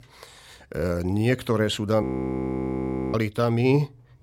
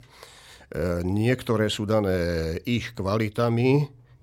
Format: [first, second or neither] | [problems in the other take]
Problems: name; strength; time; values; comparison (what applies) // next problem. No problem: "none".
second | audio freezing; at 2 s for 1 s